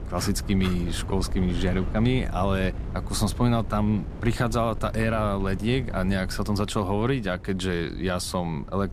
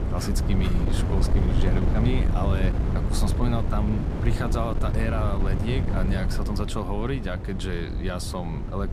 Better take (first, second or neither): first